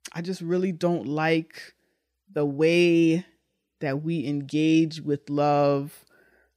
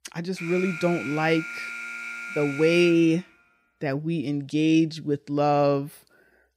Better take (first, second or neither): first